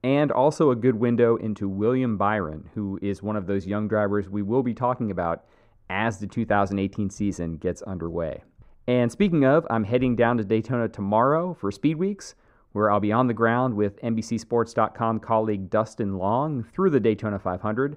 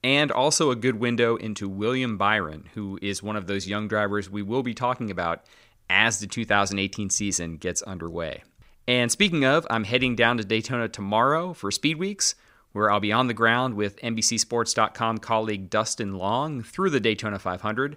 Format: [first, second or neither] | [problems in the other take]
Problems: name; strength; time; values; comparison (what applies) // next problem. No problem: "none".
second | muffled; very; fading above 2 kHz